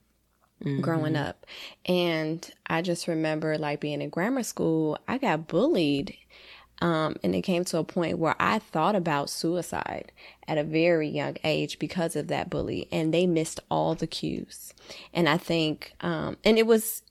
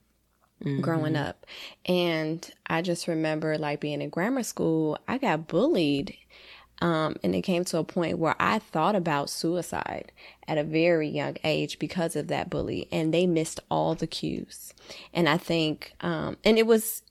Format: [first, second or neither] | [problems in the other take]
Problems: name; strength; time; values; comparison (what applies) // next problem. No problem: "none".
neither | none